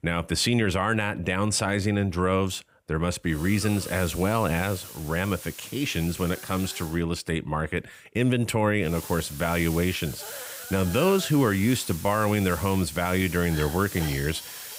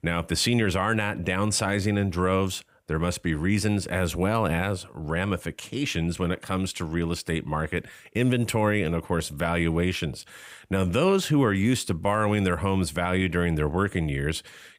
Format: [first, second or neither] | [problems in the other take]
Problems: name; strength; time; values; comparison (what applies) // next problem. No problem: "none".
second | hiss; noticeable; from 3.5 to 7 s and from 9 s on; 10 dB below the speech